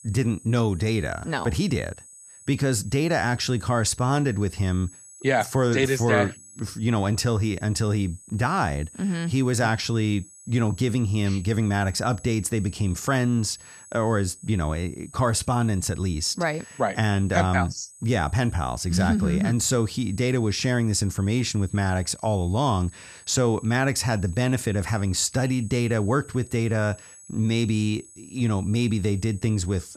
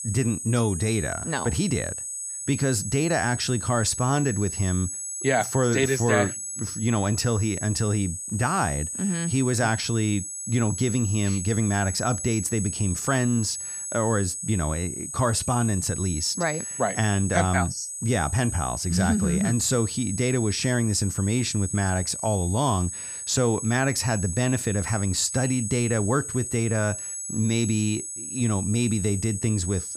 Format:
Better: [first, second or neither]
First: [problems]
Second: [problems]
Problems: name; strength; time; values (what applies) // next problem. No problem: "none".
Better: first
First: high-pitched whine; faint; throughout; 8 kHz, 20 dB below the speech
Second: high-pitched whine; loud; throughout; 8 kHz, 6 dB below the speech